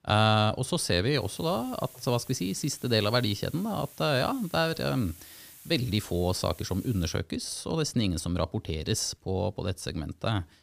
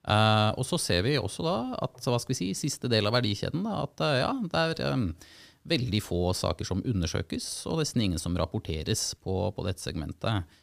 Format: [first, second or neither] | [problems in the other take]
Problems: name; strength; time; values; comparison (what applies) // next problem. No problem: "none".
second | hiss; noticeable; from 1 to 7 s; 20 dB below the speech